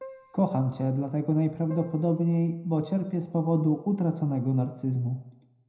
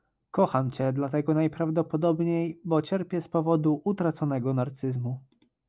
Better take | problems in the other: second | background sound (Keyboard (musical)); 18 dB below the speech // room echo; dies away in 0.7 s

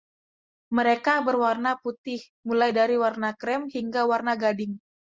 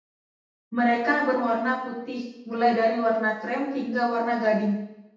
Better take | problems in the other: first | room echo; dies away in 0.8 s

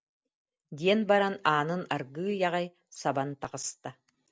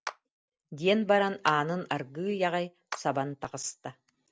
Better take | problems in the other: first | background sound (Clapping); 17 dB below the speech

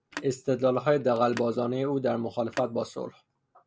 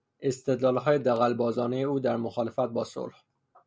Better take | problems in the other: second | background sound (Telephone); 18 dB below the speech

